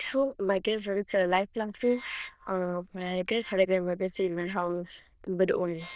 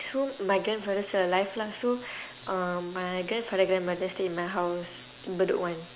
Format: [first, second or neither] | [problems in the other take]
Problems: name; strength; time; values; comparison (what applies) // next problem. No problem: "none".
second | noise reduction (neural diffusion model UNIVERSE++)